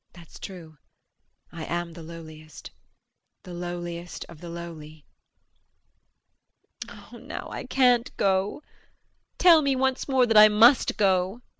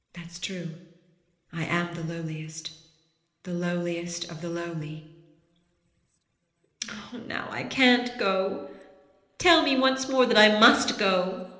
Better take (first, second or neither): first